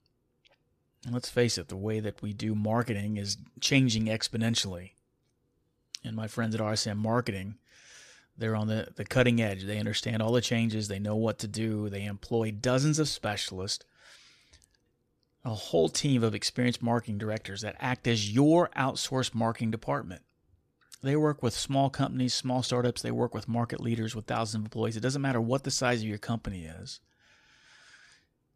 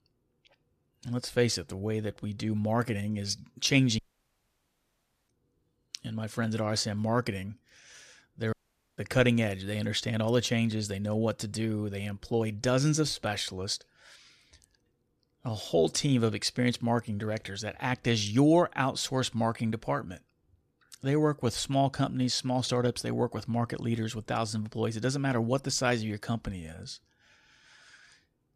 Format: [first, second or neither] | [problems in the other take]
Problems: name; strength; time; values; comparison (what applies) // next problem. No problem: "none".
first | audio cutting out; at 4 s for 1.5 s and at 8.5 s